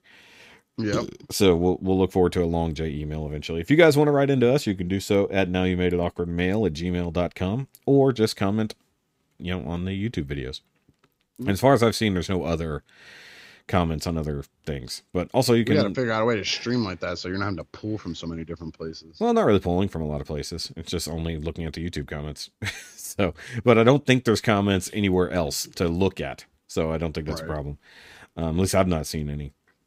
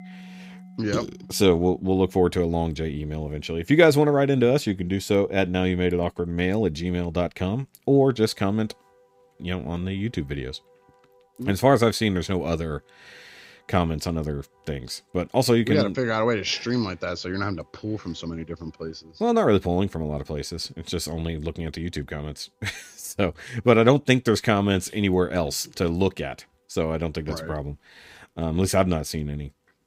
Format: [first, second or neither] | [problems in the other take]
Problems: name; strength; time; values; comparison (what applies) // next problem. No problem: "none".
first | background music; faint; throughout; 30 dB below the speech